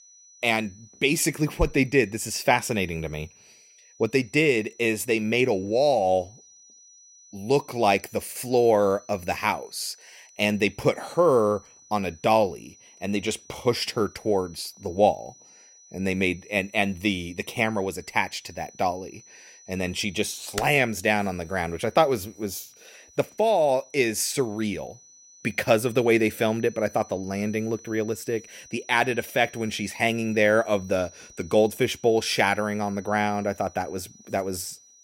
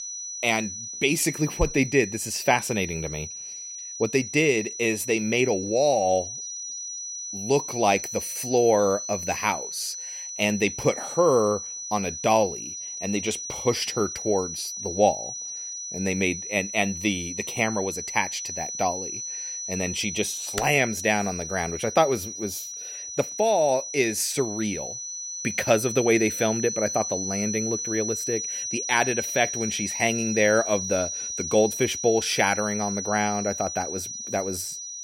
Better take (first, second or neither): first